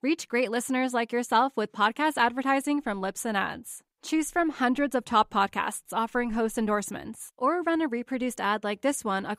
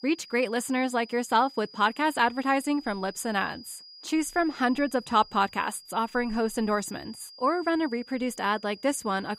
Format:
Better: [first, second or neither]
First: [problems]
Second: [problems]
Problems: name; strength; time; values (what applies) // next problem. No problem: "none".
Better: first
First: none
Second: high-pitched whine; noticeable; throughout; 5 kHz, 20 dB below the speech